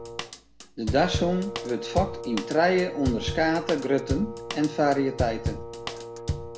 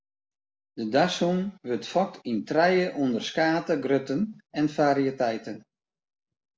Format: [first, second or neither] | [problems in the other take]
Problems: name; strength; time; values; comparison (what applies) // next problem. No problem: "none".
second | background sound (Drum / Drum kit + Wind instrument, woodwind instrument); 6 dB below the speech